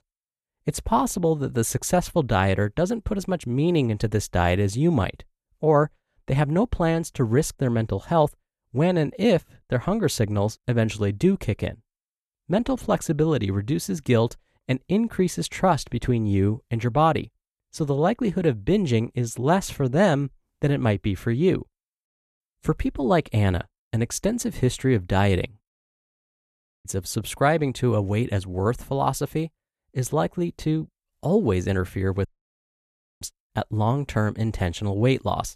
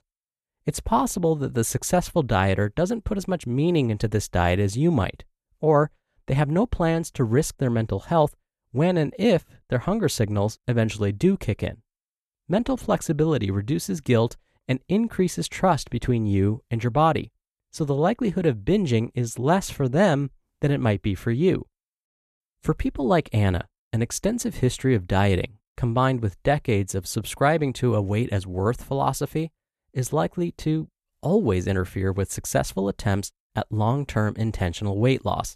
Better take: second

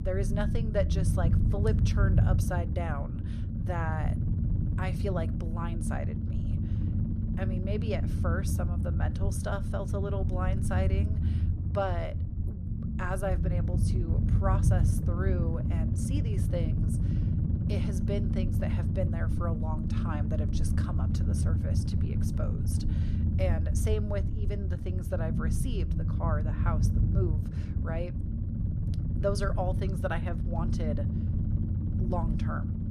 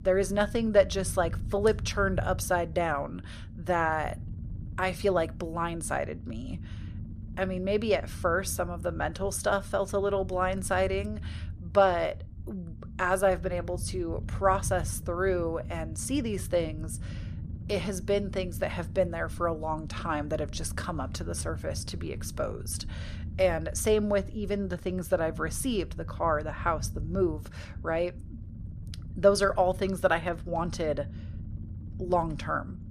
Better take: second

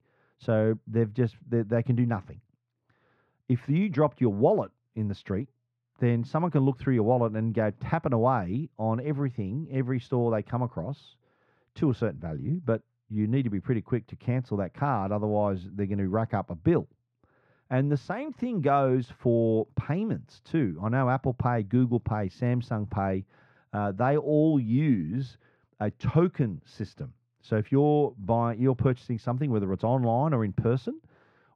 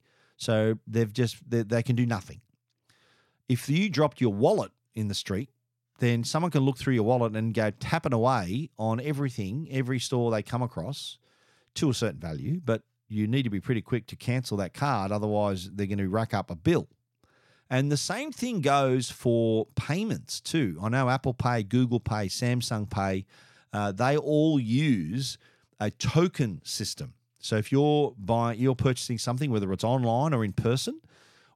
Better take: second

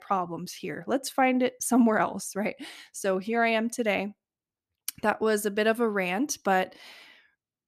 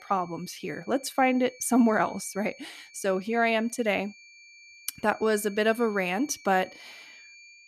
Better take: first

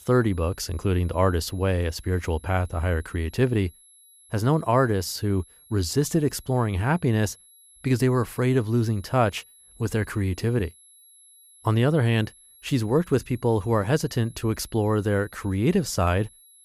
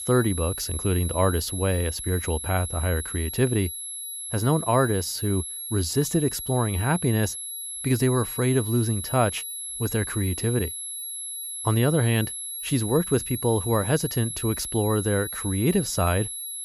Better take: first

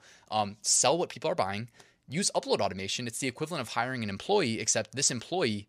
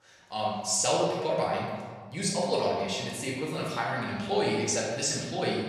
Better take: first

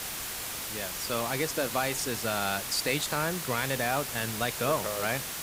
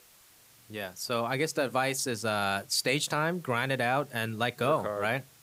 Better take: second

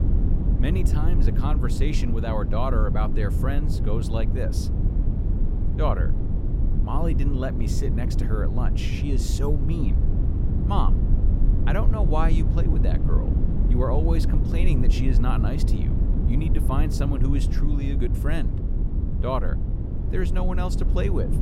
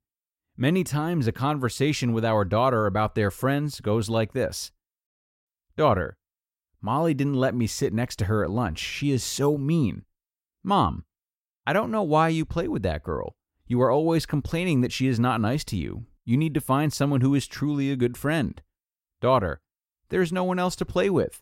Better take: second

